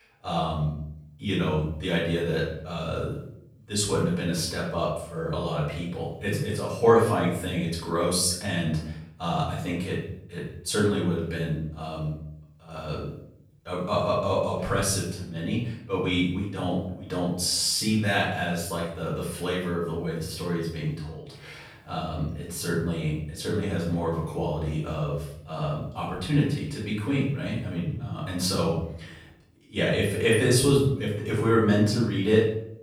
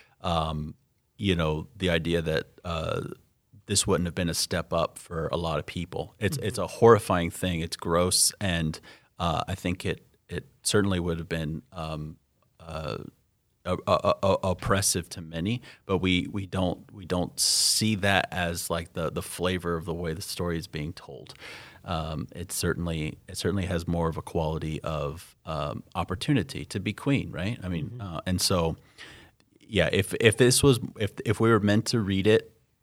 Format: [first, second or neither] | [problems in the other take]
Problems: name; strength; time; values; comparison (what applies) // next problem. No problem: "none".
second | off-mic speech; far // room echo; noticeable; dies away in 0.6 s